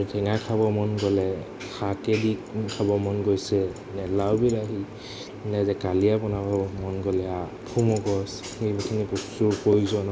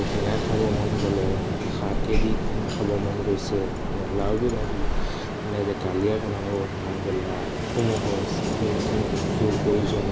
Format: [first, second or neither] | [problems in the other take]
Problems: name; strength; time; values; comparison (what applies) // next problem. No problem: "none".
first | background sound (Ocean); 1 dB above the speech